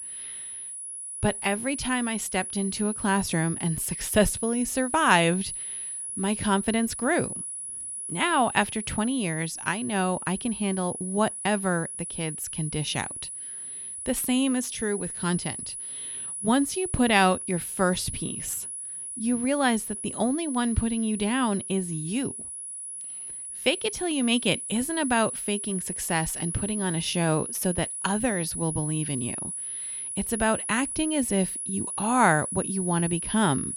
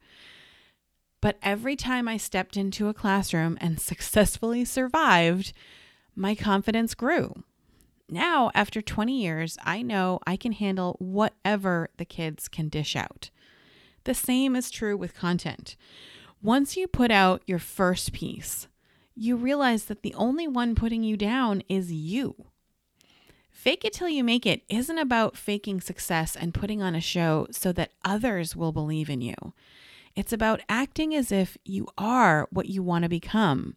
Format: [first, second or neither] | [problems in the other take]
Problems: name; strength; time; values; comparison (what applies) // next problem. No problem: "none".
second | high-pitched whine; loud; throughout; 10 kHz, 6 dB below the speech